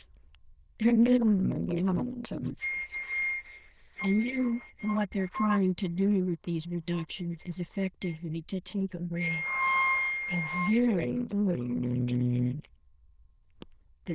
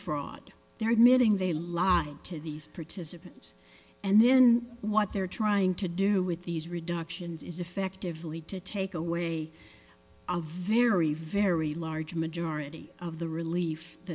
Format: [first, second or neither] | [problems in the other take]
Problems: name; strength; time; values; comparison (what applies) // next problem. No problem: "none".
second | noise reduction (neural diffusion model UNIVERSE++)